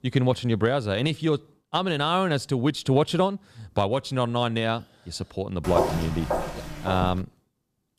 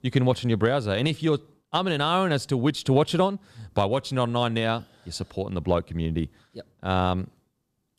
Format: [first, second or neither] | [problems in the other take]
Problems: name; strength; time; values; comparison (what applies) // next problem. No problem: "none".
second | footsteps; loud; from 5.5 to 7 s; peak level with the speech